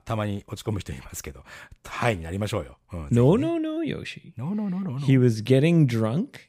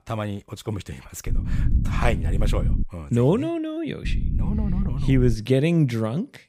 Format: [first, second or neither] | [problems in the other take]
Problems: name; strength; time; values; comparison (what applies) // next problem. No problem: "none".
first | low rumble; noticeable; from 1.5 to 3 s and from 4 to 5.5 s; 10 dB below the speech